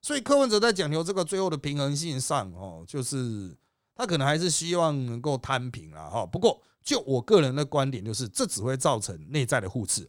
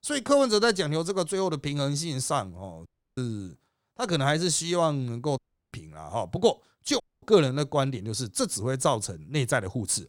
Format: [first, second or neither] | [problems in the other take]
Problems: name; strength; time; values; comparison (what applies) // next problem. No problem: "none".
first | audio cutting out; at 3 s, at 5.5 s and at 7 s